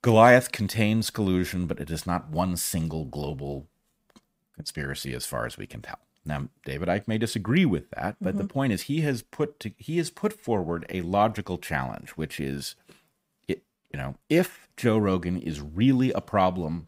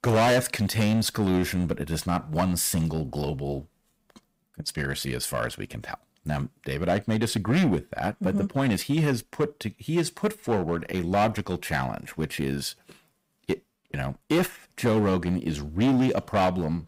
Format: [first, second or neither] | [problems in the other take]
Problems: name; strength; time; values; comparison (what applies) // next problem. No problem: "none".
first | distortion; heavy; 7% of the sound clipped